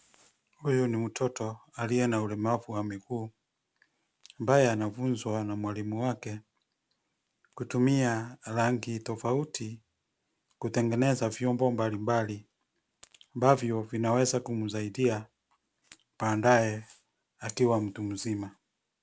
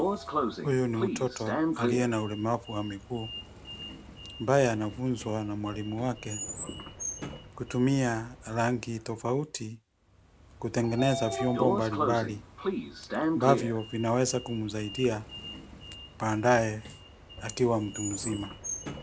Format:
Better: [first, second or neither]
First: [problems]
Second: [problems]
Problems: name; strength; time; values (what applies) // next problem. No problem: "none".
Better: first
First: none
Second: background sound (Sliding door); 5 dB below the speech